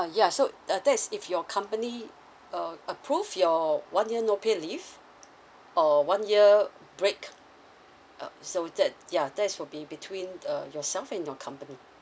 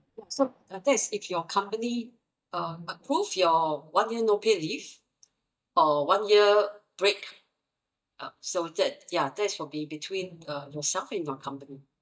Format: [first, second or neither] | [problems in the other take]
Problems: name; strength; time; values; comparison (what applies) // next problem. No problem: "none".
first | noise reduction (neural mask model DeepFilterNet 3)